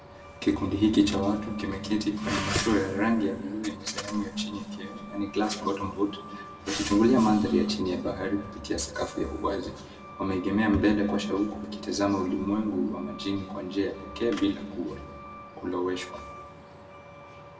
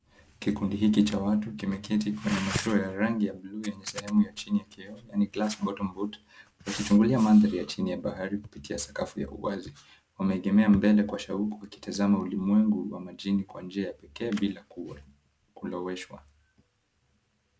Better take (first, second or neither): second